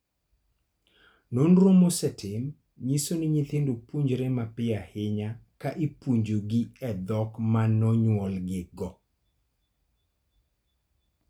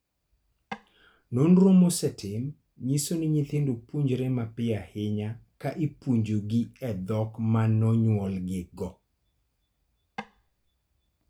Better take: first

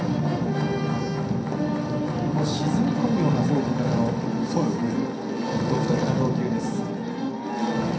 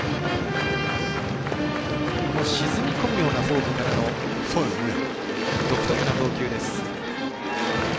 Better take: second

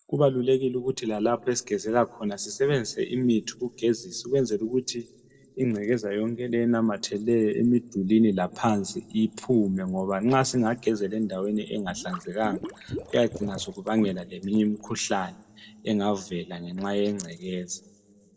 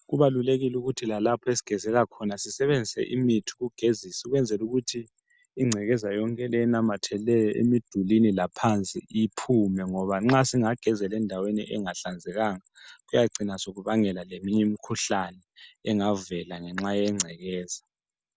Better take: second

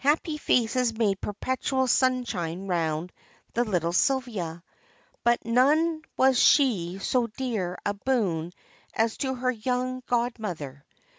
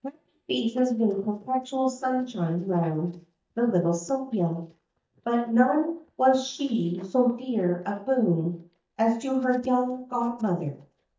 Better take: first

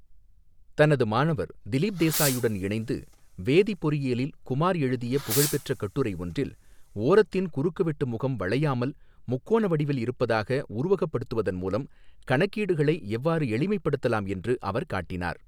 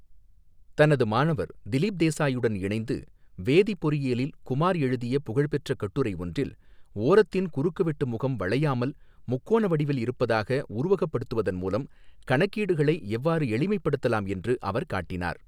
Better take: second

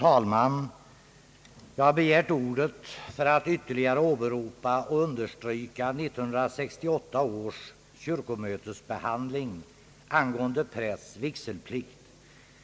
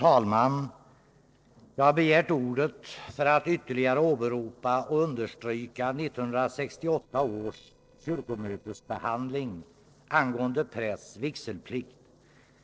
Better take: first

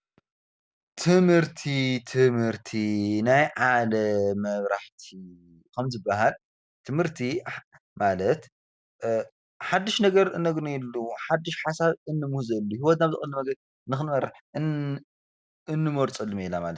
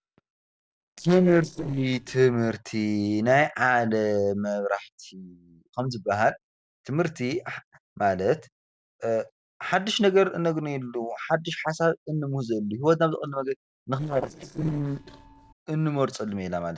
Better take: first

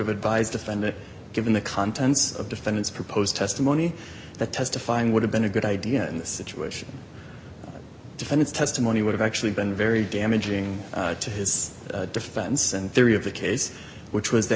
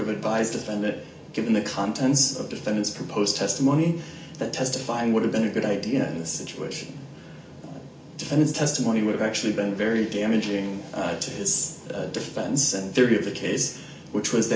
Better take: first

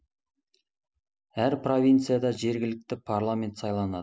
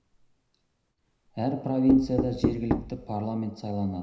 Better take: first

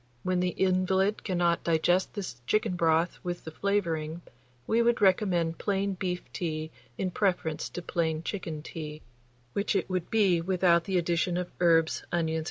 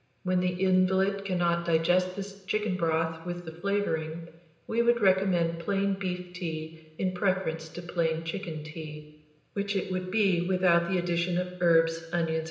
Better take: first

